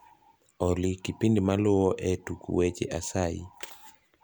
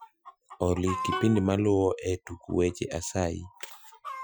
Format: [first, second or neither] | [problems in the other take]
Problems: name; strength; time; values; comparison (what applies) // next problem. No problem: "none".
first | noise reduction (classical method Wiener filter)